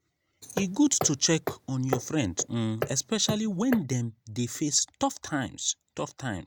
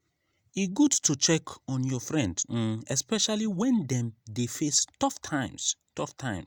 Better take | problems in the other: second | background sound (Hammer); 7 dB below the speech

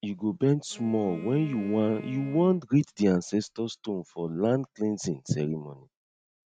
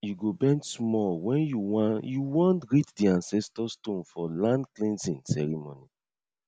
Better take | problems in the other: second | noise reduction (neural mask model RNNoise)

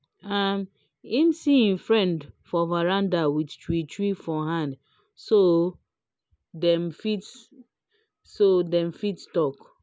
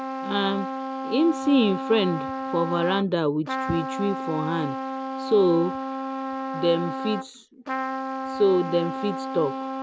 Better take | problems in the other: first | background sound (Trumpet); 5 dB below the speech

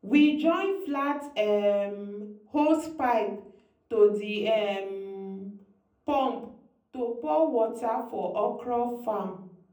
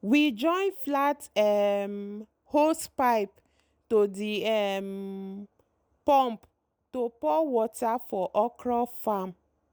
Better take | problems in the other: second | room echo; dies away in 0.6 s

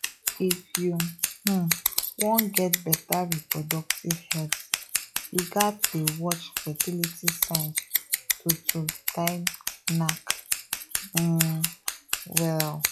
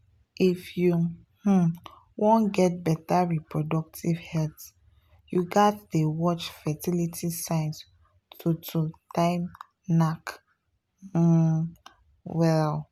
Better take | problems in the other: second | noise reduction (classical method log-MMSE)

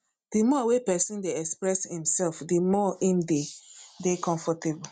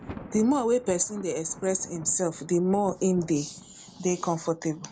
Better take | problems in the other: first | background sound (Thunder); 18 dB below the speech

